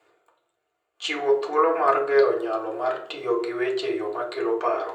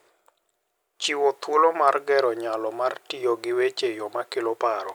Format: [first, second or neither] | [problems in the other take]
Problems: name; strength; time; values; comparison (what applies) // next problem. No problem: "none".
second | room echo; dies away in 0.6 s